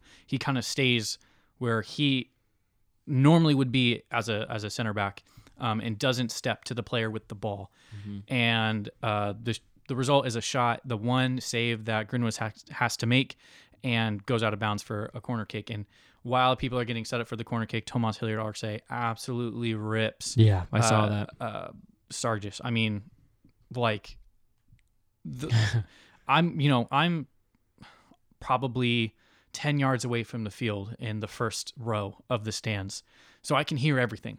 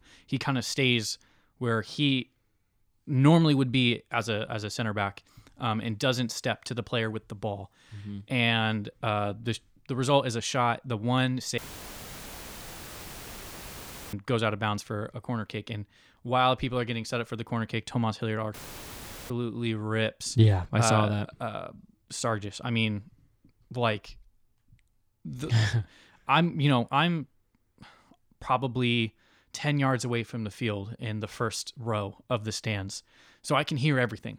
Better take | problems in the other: first | audio cutting out; filled with static; at 12 s for 2.5 s and at 19 s for 1 s

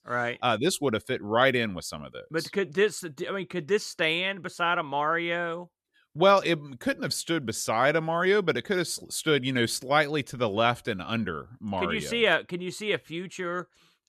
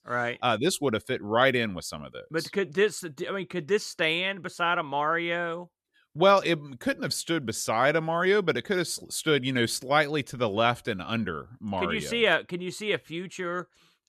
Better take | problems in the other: neither | none

